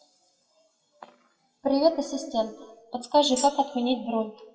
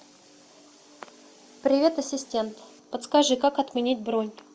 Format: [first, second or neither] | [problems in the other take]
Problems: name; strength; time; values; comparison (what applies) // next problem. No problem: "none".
second | noise reduction (classical method WPE with log-MMSE)